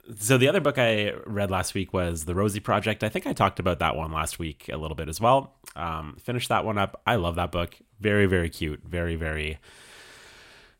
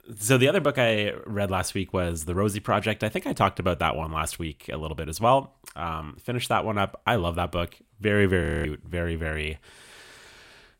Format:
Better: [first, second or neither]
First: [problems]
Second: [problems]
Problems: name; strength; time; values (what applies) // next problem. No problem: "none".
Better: first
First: none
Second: audio freezing; at 8.5 s